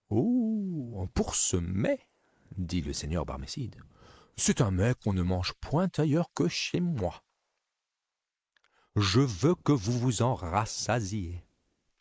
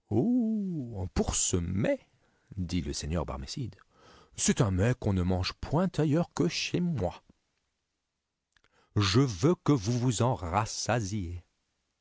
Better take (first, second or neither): second